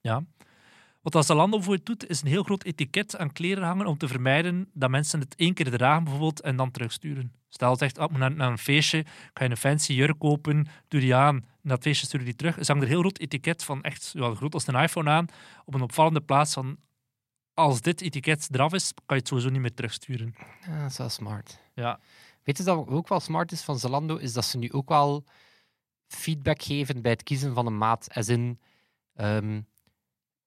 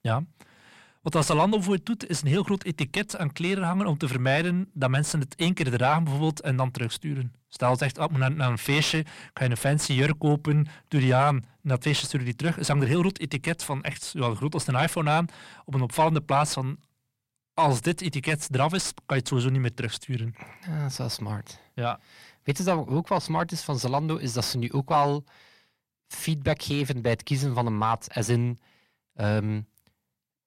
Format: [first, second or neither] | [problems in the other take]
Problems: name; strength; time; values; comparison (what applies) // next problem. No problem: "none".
first | distortion; slight; 10 dB below the speech